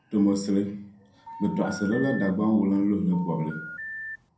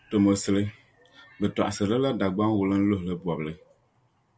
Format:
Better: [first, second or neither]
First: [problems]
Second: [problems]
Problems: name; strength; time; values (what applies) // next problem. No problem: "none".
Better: second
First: background sound (Telephone); 13 dB below the speech // room echo; dies away in 0.5 s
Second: none